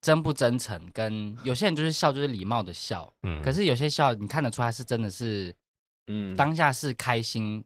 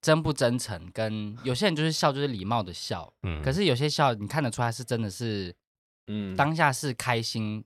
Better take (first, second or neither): second